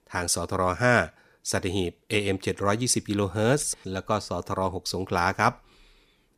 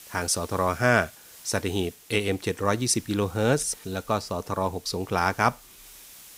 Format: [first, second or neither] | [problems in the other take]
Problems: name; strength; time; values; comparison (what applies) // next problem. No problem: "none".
first | hiss; faint; throughout; 20 dB below the speech